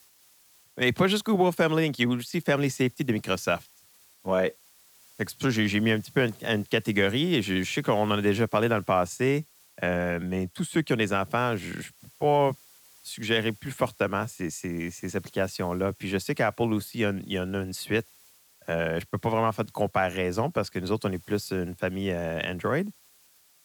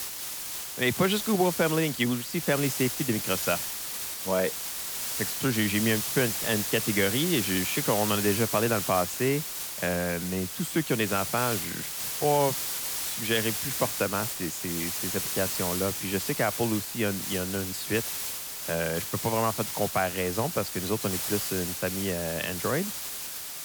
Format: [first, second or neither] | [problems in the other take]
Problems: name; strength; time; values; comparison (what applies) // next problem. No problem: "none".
first | hiss; loud; throughout; 2 dB below the speech; faint in the first